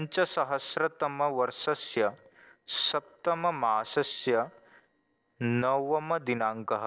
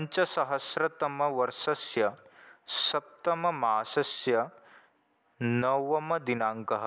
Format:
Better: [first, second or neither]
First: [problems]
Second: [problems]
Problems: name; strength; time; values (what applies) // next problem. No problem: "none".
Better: second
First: noise reduction (neural separator model SepFormer DNS4)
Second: none